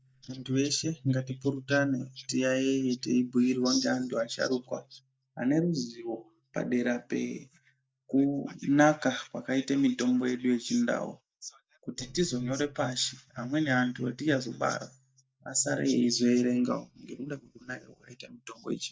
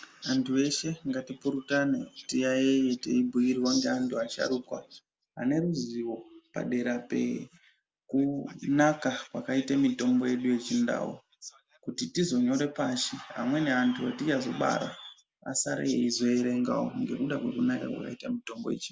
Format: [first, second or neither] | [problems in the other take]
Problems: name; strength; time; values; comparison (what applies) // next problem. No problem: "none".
second | noise reduction (neural mask model DeepFilterNet 3)